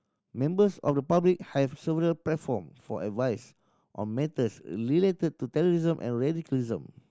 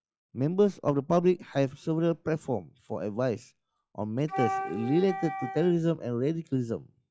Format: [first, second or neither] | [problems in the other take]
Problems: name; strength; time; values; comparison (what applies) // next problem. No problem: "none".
first | noise reduction (classical method log-MMSE)